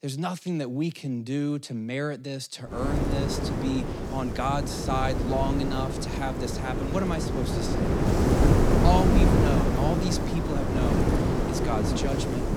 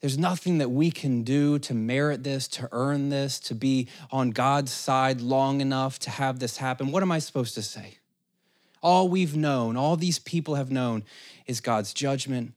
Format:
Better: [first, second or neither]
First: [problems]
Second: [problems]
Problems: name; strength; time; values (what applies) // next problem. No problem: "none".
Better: second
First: wind noise on the microphone; heavy; from 3 s on; 1 dB above the speech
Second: none